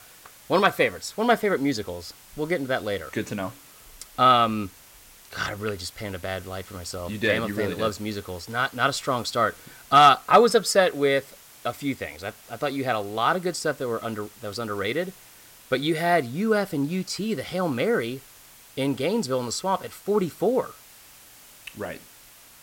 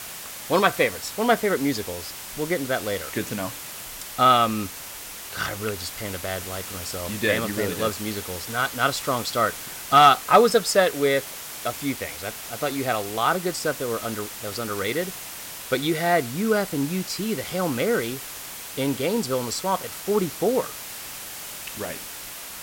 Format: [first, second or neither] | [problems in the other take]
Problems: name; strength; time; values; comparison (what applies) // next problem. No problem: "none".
first | hiss; loud; throughout; 10 dB below the speech; faint in the first